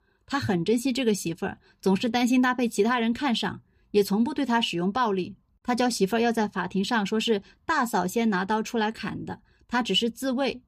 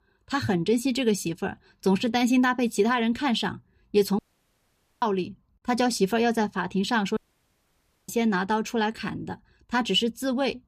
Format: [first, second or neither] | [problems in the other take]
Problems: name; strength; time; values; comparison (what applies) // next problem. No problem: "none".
first | audio cutting out; at 4 s for 1 s and at 7 s for 1 s